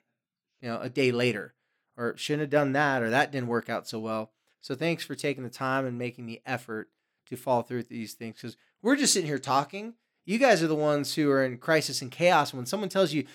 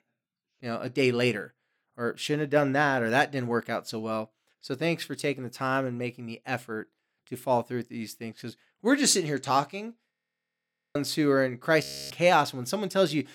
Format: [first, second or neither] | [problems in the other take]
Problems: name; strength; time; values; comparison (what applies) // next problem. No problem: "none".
first | audio freezing; at 10 s for 1 s and at 12 s